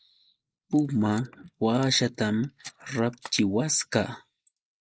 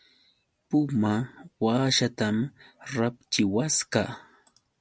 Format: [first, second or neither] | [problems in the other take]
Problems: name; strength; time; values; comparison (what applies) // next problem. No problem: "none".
second | noise reduction (neural mask model Resemble Enhance denoiser)